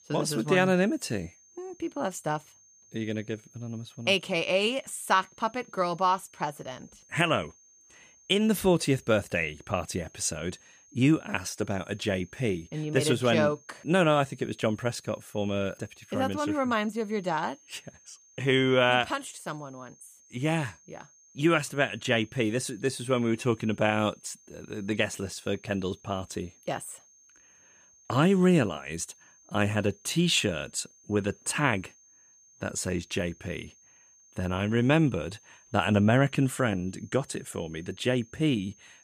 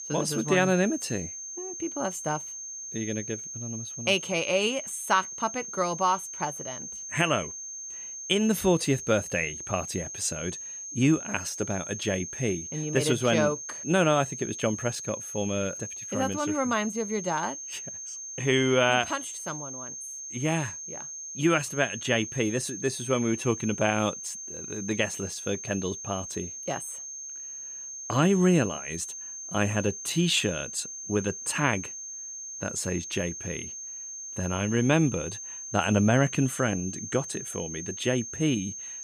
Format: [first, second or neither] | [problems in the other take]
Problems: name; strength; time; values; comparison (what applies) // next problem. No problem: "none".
first | high-pitched whine; loud; throughout; 6.5 kHz, 8 dB below the speech; faint in the first